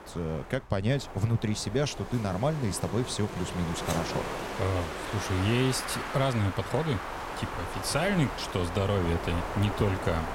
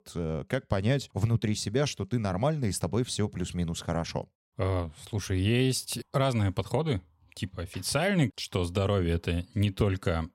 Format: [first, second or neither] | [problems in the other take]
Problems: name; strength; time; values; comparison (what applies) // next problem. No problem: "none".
second | wind noise on the microphone; heavy; 2 dB below the speech